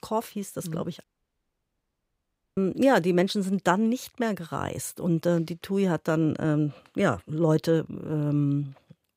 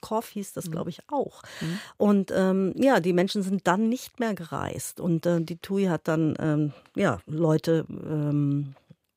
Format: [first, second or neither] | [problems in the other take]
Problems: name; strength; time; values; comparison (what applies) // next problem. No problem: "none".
second | audio cutting out; at 1 s for 1.5 s